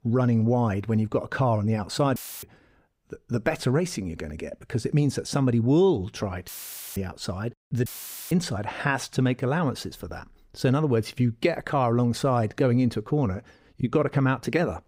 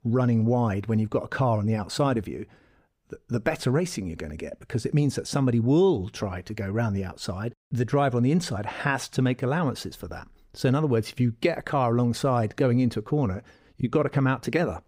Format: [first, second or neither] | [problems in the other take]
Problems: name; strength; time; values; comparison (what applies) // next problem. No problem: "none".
second | audio cutting out; filled with static; at 2 s, at 6.5 s and at 8 s